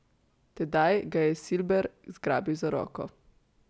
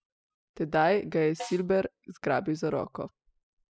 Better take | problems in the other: first | noise reduction (classical method spectral subtraction)

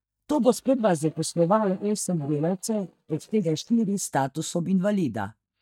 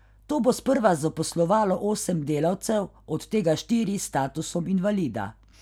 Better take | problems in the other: second | noise reduction (neural mask model DeepFilterNet 3)

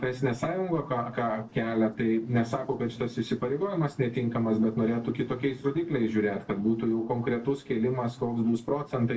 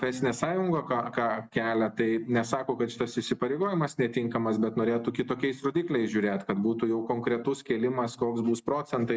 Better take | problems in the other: second | noise reduction (neural separator model SepFormer DNS4)

